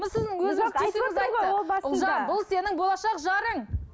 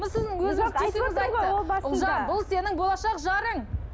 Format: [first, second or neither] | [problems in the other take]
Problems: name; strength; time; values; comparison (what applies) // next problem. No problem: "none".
first | background sound (Aircraft); 11 dB below the speech